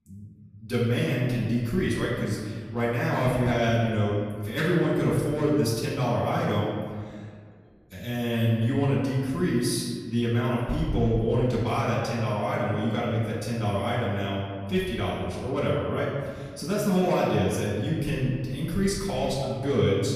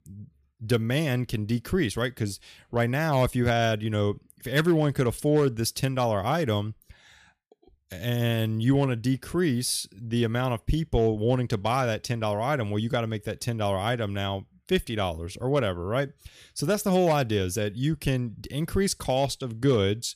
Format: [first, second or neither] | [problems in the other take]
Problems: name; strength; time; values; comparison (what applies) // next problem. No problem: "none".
second | room echo; noticeable; dies away in 1.6 s // off-mic speech; far